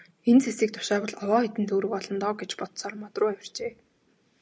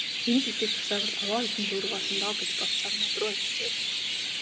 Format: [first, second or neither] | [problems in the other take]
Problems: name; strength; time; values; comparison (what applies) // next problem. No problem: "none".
first | background sound (Chirp, tweet); 4 dB above the speech